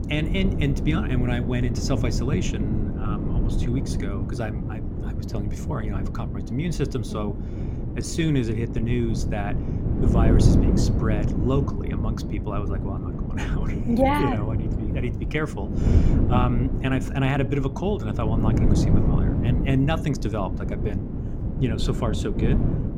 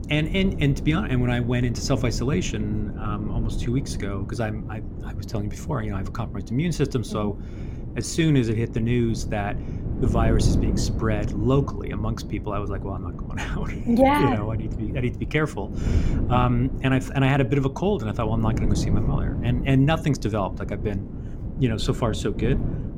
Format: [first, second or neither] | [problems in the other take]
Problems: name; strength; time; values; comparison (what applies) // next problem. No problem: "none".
second | wind noise on the microphone; heavy; 4 dB below the speech; occasional gusts in the second